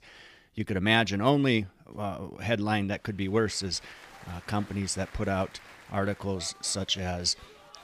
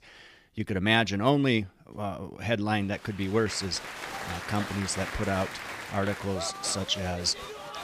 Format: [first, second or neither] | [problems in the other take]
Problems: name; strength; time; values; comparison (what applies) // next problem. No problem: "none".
first | crowd noise; loud; from 3.5 s on; 9 dB below the speech; faint in the first